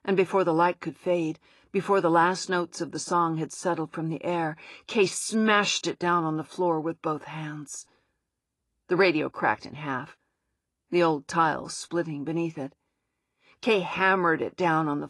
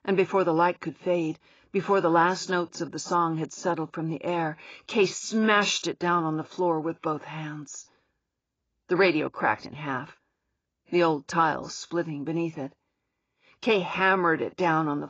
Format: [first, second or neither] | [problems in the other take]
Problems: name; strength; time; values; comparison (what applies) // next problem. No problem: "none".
first | garbled, watery; badly; slightly in the first